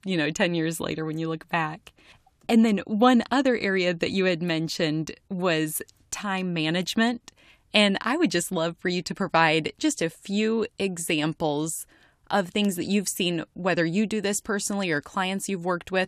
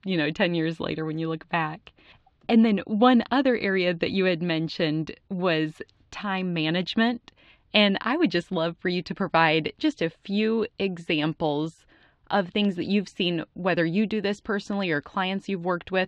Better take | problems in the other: first | muffled; very slightly; fading above 4 kHz

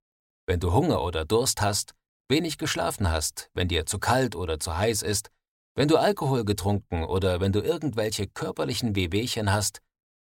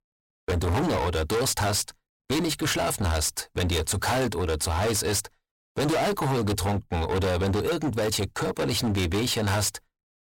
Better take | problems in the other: first | distortion; heavy; 30% of the sound clipped

